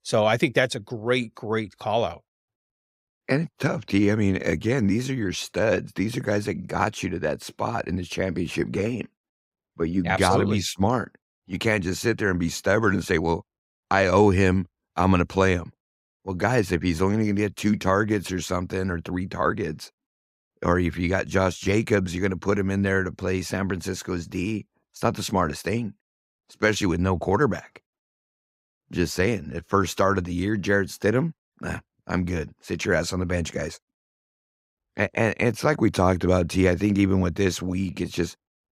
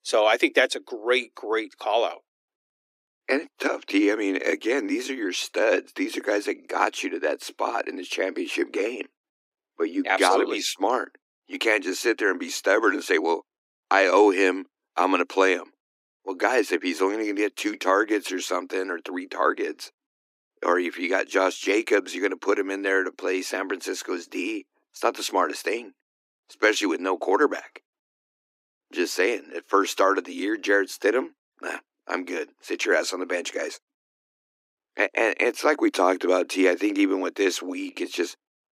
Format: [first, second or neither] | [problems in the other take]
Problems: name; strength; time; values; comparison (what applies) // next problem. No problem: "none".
first | thin; somewhat; fading below 300 Hz